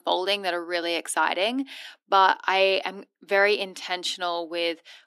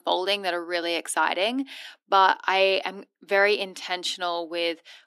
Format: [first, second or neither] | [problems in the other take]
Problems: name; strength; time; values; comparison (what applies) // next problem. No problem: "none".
neither | thin; somewhat; fading below 300 Hz; the same in both